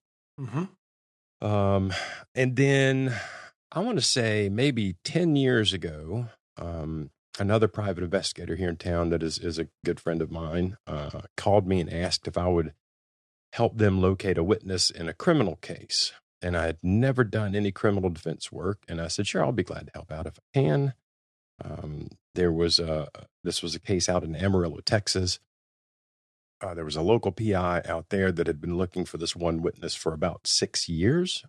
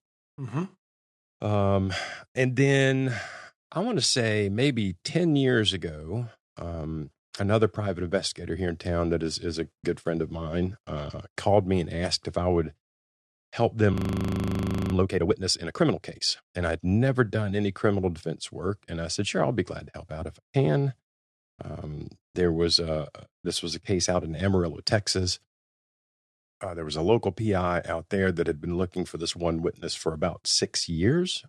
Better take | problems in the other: first | audio freezing; at 14 s for 1 s

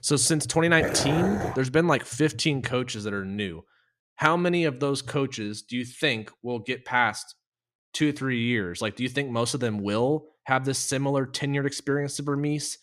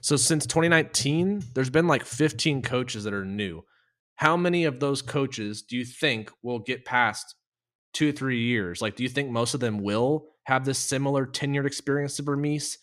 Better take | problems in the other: second | dog barking; noticeable; at 0.5 s; peak 2 dB below the speech

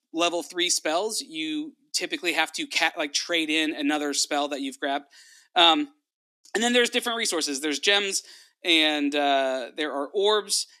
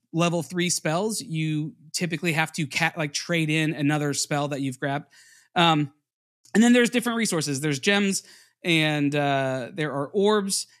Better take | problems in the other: second | thin; somewhat; fading below 300 Hz

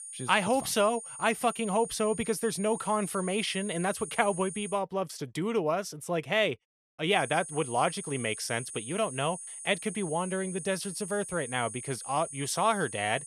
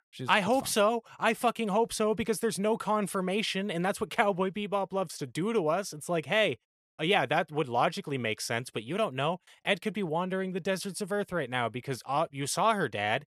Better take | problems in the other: second | high-pitched whine; loud; until 5 s and from 7 s on; 9.5 kHz, 10 dB below the speech

